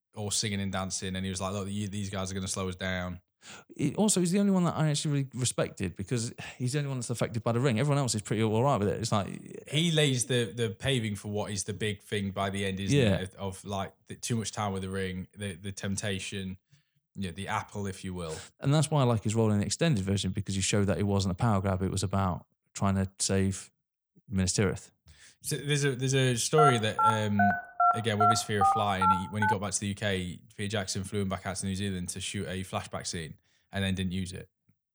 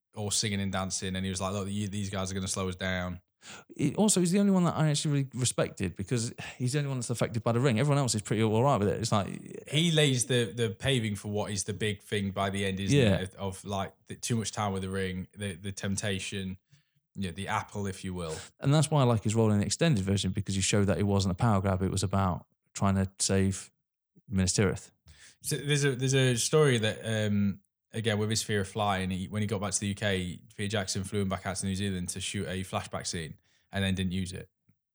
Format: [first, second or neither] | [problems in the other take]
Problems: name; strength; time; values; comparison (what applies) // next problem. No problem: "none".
second | phone ringing; loud; from 27 to 30 s; peak 4 dB above the speech